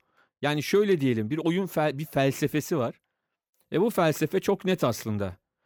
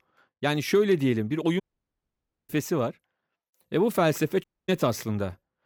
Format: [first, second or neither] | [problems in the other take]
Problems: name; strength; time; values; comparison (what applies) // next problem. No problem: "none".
first | audio cutting out; at 1.5 s for 1 s and at 4.5 s